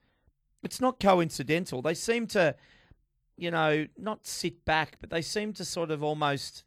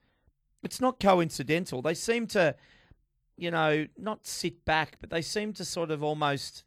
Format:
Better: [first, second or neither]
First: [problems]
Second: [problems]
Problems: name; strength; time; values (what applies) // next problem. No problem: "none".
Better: neither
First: none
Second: none